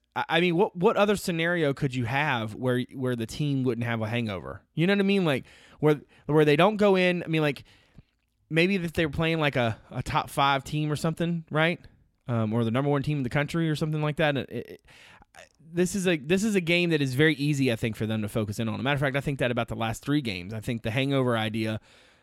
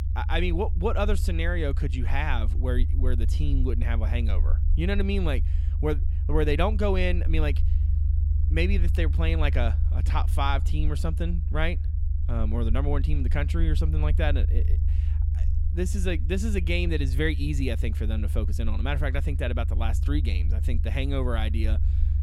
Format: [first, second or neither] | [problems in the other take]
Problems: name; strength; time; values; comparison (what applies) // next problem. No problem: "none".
first | low rumble; noticeable; throughout; 15 dB below the speech